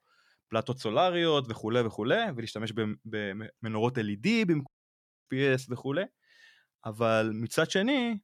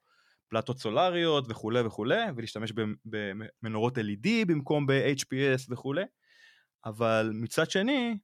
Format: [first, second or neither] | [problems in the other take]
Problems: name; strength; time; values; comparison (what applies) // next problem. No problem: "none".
second | audio cutting out; at 4.5 s for 0.5 s